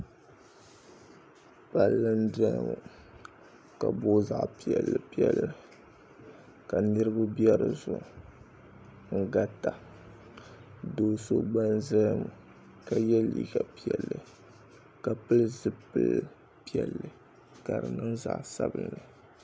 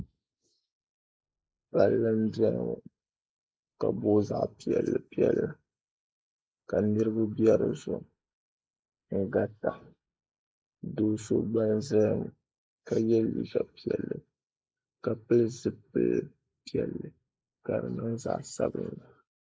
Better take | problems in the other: first | noise reduction (neural mask model Resemble Enhance denoiser)

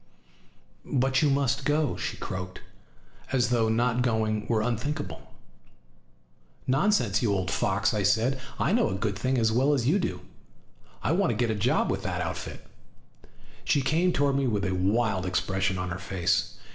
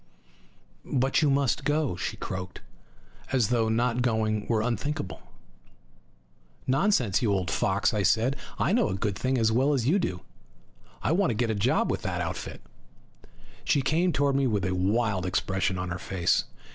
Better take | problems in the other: second | room echo; dies away in 0.6 s

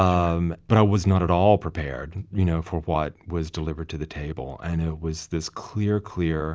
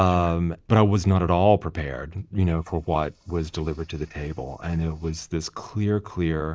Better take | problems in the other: first | noise reduction (neural mask model Resemble Enhance denoiser)

